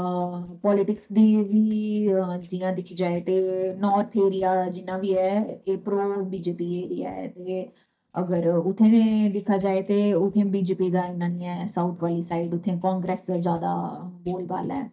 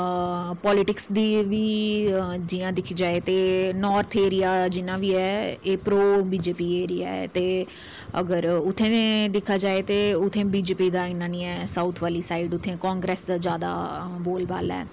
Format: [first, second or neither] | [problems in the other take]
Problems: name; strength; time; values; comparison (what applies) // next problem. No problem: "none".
second | noise reduction (neural mask model DeepFilterNet 3)